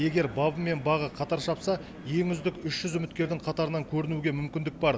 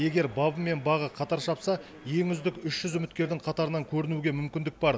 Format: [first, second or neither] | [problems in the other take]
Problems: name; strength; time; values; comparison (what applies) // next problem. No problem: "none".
second | background sound (Vehicle); 17 dB below the speech